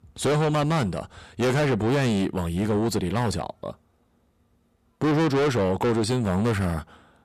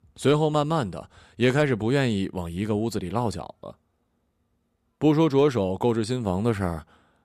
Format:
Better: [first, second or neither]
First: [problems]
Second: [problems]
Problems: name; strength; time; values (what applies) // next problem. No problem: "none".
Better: second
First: distortion; heavy; 6 dB below the speech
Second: none